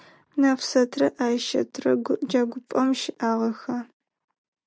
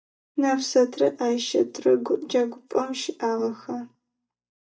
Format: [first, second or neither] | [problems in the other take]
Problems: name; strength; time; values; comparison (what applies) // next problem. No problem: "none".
first | noise reduction (neural mask model DeepFilterNet 3)